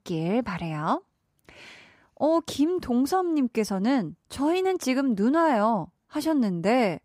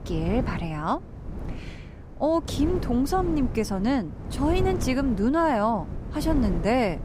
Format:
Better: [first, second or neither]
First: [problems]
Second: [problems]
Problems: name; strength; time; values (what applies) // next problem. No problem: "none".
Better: first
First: none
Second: wind noise on the microphone; occasional gusts; 15 dB below the speech